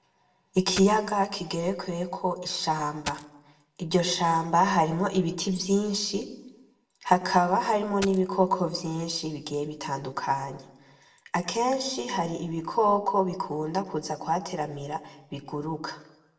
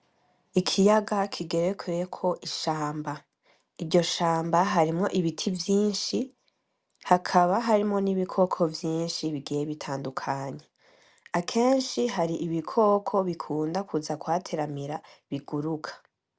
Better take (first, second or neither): second